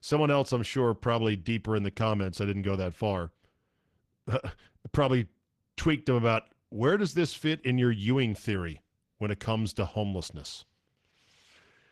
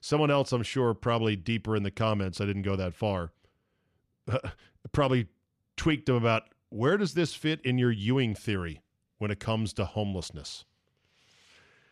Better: second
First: garbled, watery; slightly; nothing above 14.5 kHz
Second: none

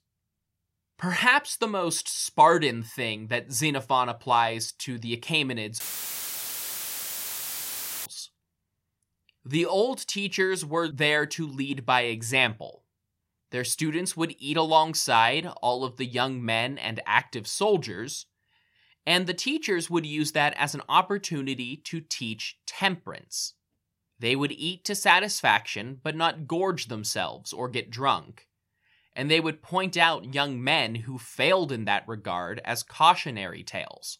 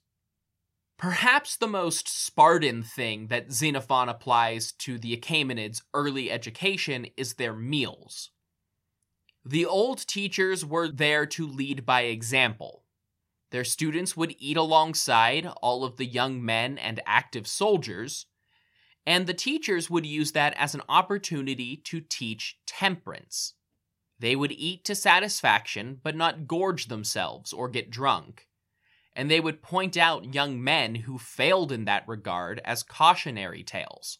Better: second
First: audio cutting out; filled with static; at 6 s for 2.5 s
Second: none

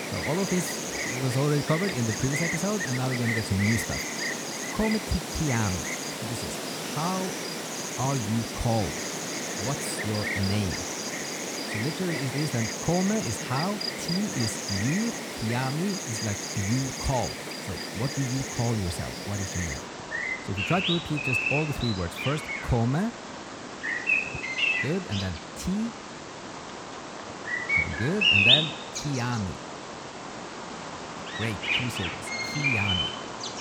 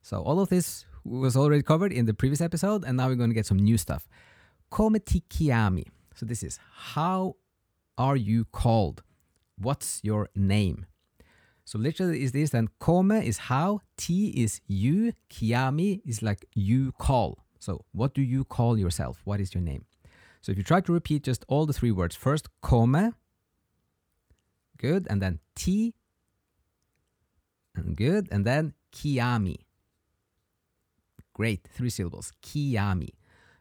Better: second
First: animal sounds; very loud; throughout; 1 dB above the speech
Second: none

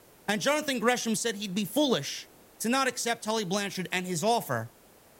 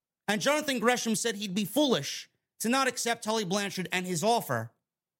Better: second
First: hiss; faint; throughout; 25 dB below the speech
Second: none

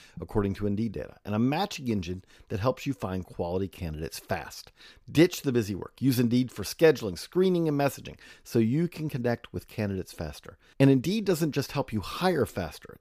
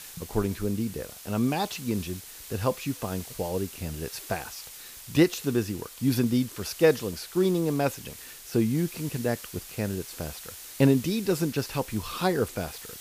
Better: first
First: none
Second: hiss; noticeable; throughout; 15 dB below the speech

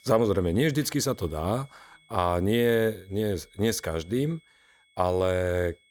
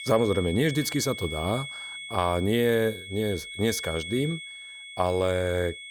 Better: first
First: high-pitched whine; faint; throughout; 2 kHz, 30 dB below the speech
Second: high-pitched whine; loud; throughout; 2 kHz, 9 dB below the speech

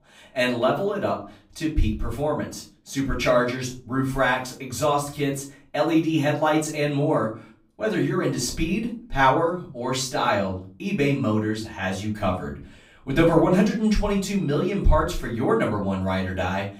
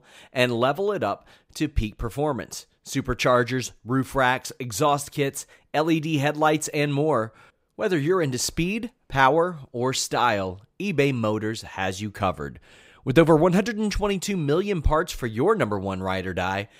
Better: second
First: off-mic speech; far // room echo; slight; dies away in 0.3 s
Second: none

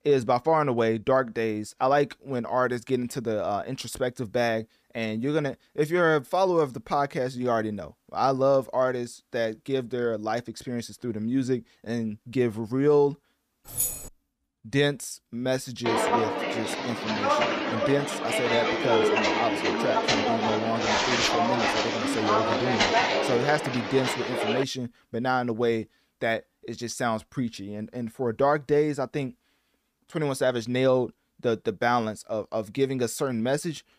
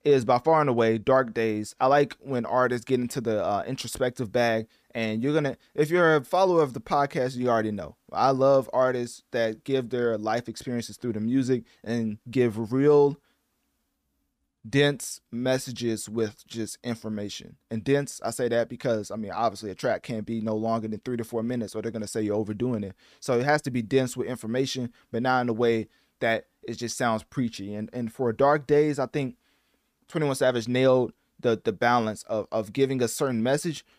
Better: second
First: jangling keys; loud; at 14 s; peak level with the speech // footsteps; loud; from 16 to 25 s; peak 6 dB above the speech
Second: none

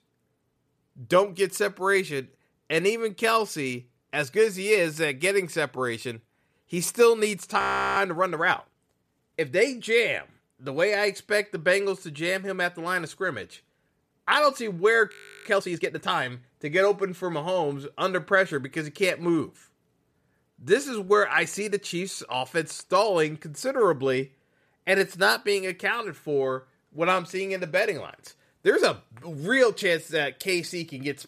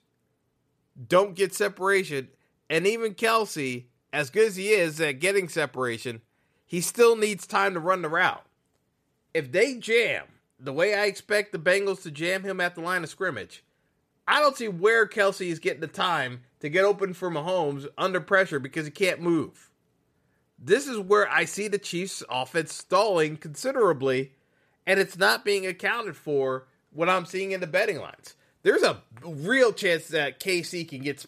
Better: second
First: audio freezing; at 7.5 s and at 15 s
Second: none

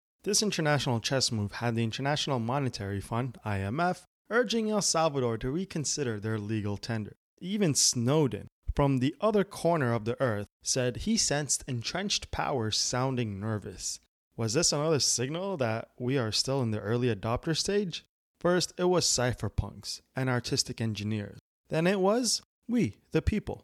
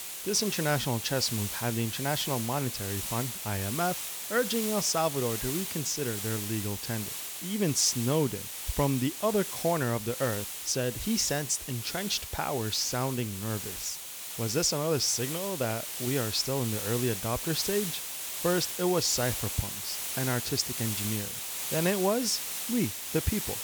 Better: first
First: none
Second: hiss; loud; throughout; 4 dB below the speech

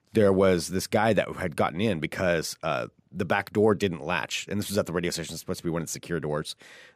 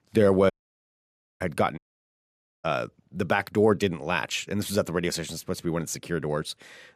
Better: first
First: none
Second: audio cutting out; at 0.5 s for 1 s and at 2 s for 1 s

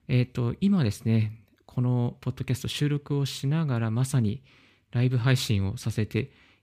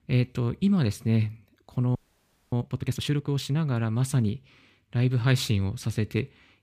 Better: first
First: none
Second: audio freezing; at 2 s for 0.5 s

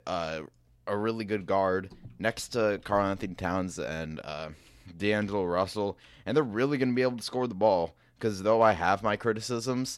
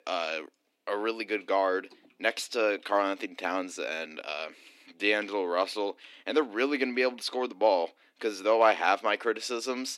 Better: first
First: none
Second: thin; very slightly; fading below 300 Hz

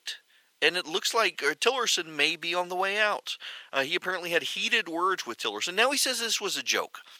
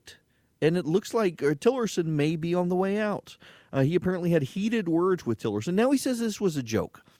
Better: second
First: thin; very; fading below 850 Hz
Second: none

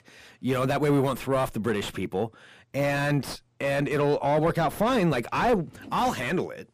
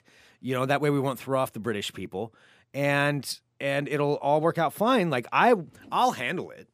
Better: second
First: distortion; heavy; 5 dB below the speech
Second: none

